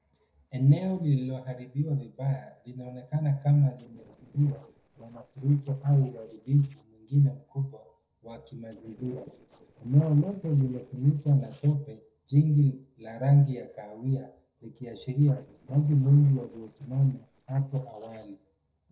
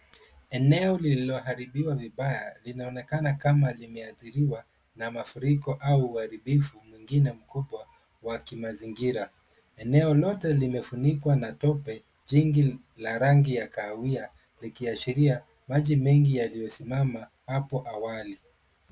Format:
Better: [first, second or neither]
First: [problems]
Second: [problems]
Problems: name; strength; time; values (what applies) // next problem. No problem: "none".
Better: second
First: noise reduction (neural separator model SepFormer DNS4)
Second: none